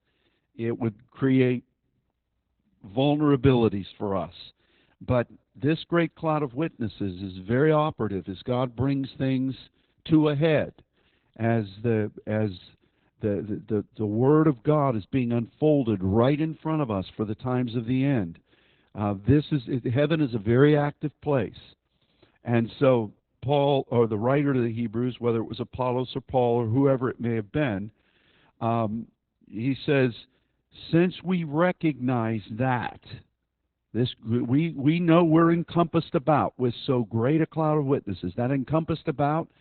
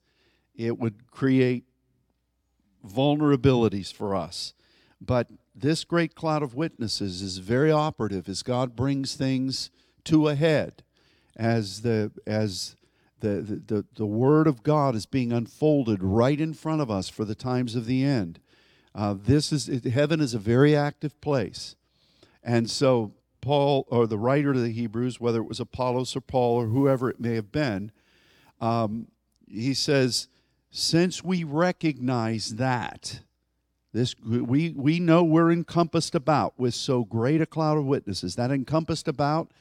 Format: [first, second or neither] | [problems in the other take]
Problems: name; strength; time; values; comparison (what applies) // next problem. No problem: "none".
second | garbled, watery; badly; nothing above 4 kHz